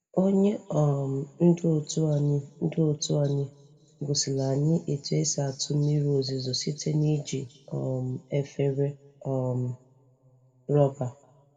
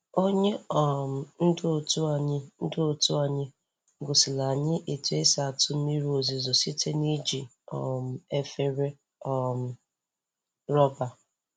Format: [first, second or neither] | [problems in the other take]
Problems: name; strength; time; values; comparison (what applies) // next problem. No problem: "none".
second | room echo; dies away in 1.8 s